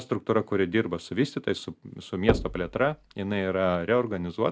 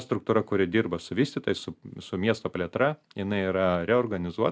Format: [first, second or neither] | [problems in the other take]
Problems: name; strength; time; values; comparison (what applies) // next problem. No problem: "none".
second | background sound (Knock); 6 dB below the speech